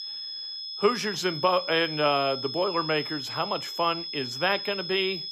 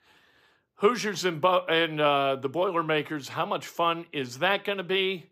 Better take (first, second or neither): second